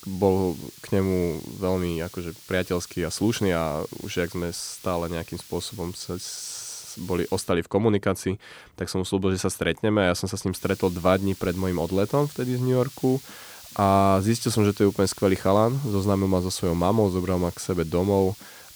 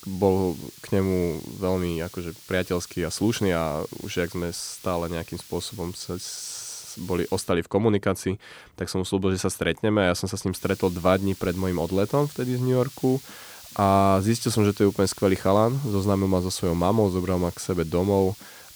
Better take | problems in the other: neither | hiss; noticeable; until 7.5 s and from 11 s on; 15 dB below the speech; the same in both

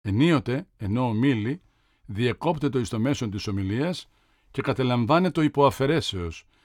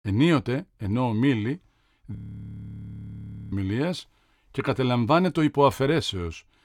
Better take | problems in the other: first | audio freezing; at 2 s for 1.5 s

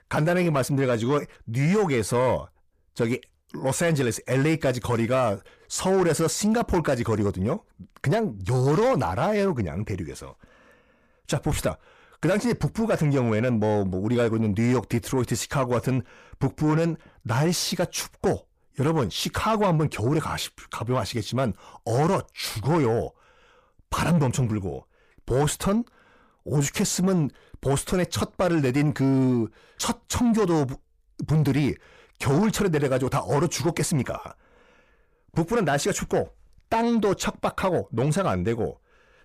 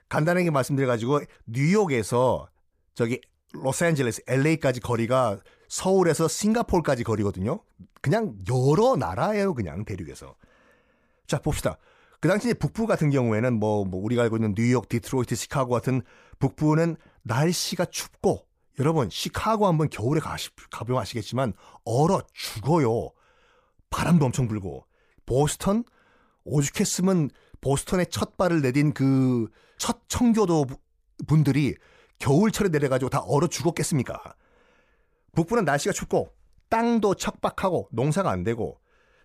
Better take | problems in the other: second | distortion; slight; 10 dB below the speech

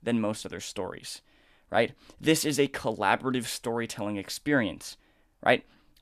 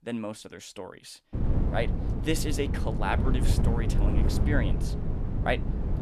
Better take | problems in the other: first | wind noise on the microphone; heavy; from 1.5 s on; 5 dB below the speech

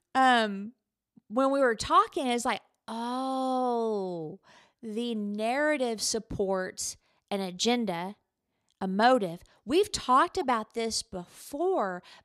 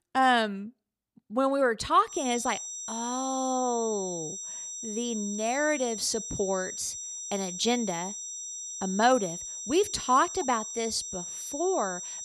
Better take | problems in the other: first | high-pitched whine; loud; from 2 s on; 6 kHz, 7 dB below the speech

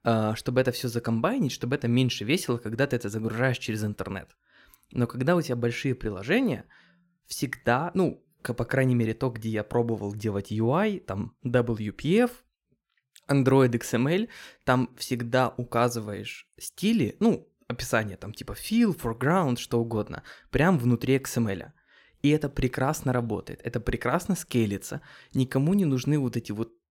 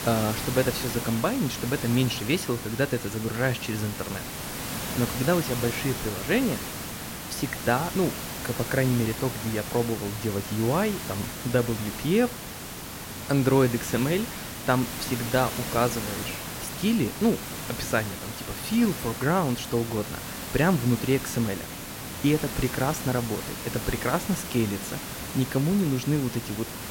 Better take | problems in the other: first | hiss; loud; throughout; 6 dB below the speech

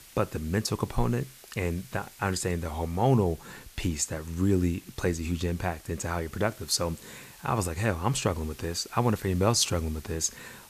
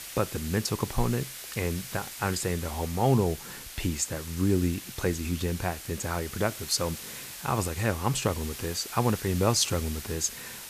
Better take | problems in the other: first | hiss; loud; throughout; 10 dB below the speech; faint in the first

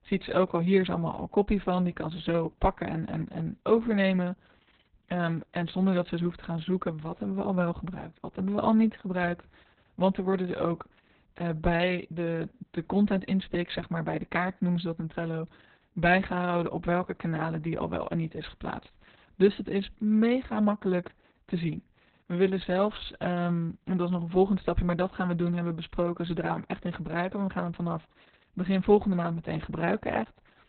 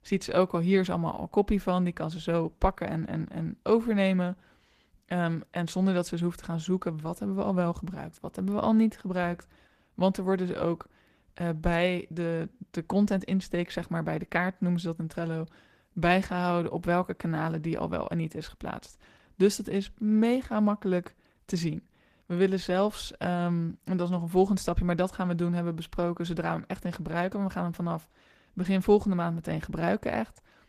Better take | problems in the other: second | garbled, watery; badly; nothing above 4 kHz; slightly in the second

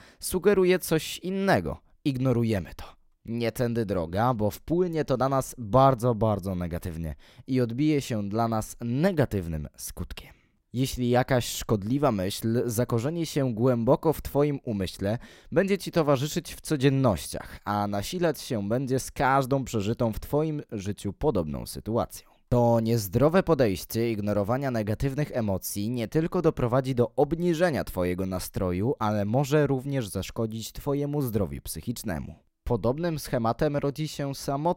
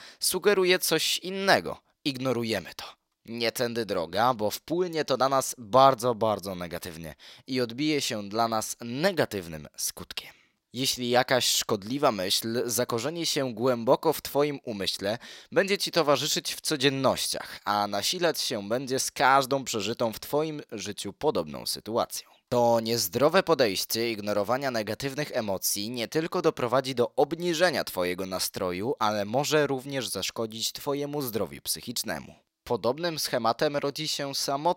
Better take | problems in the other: first | thin; somewhat; fading below 650 Hz

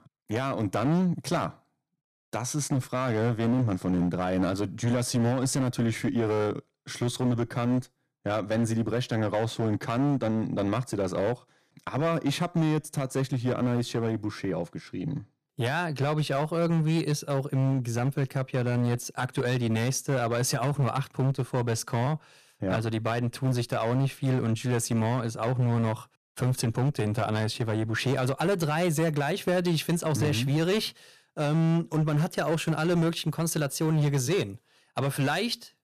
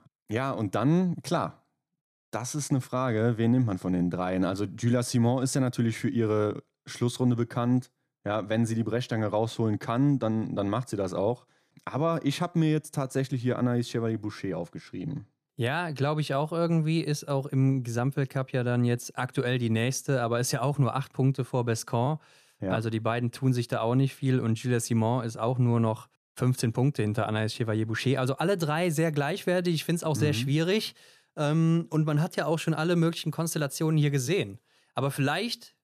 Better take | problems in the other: second | distortion; slight; 11% of the sound clipped

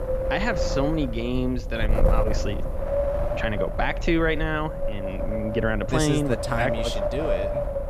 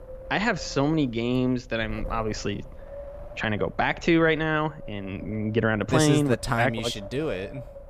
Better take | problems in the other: second | wind noise on the microphone; heavy; 2 dB below the speech; occasional gusts in the second

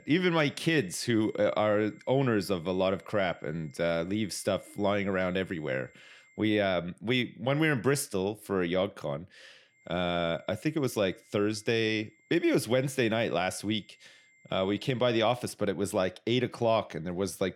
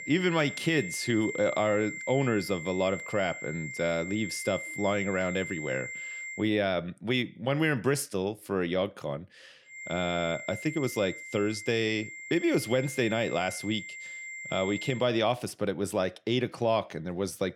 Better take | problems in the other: first | high-pitched whine; loud; until 6.5 s and from 9.5 to 15 s; 2 kHz, 9 dB below the speech; faint in the first

